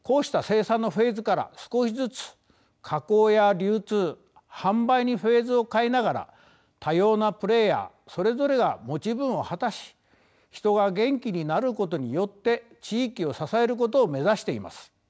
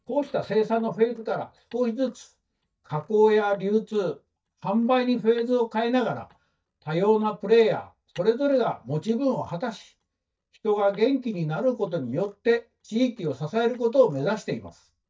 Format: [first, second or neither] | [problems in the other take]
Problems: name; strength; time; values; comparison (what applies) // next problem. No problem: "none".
first | noise reduction (neural mask model DeepFilterNet 3)